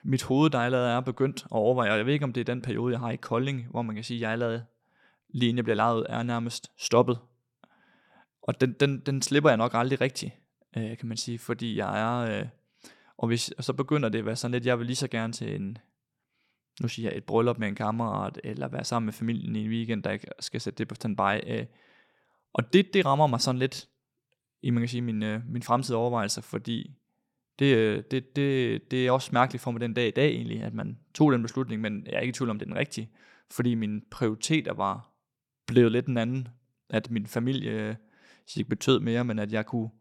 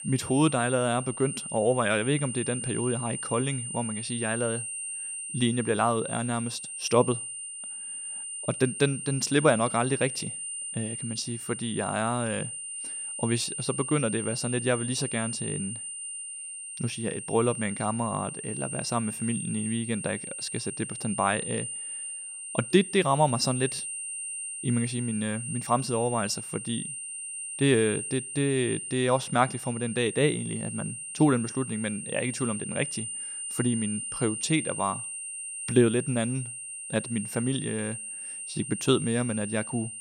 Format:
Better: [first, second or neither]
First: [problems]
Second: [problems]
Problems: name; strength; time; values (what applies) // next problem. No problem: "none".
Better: first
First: none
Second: high-pitched whine; loud; throughout; 9 kHz, 6 dB below the speech